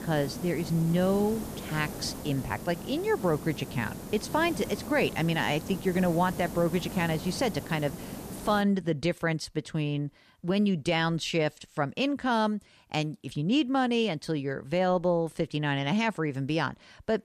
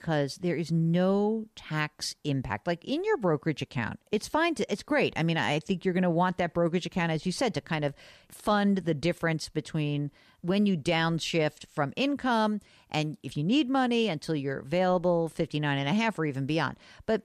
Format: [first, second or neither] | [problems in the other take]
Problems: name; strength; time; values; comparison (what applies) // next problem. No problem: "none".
second | hiss; noticeable; until 8.5 s; 10 dB below the speech